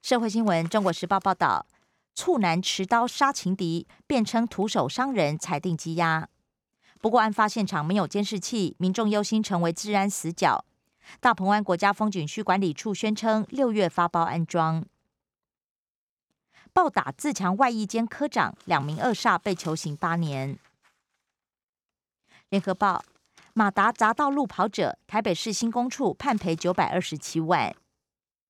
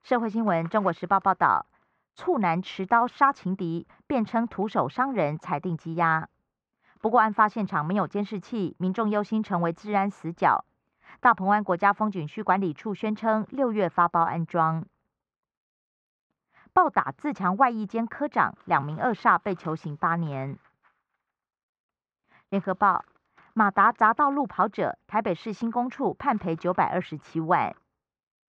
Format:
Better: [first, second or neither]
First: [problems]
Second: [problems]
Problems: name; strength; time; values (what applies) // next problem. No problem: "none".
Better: first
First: none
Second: muffled; very; fading above 1.5 kHz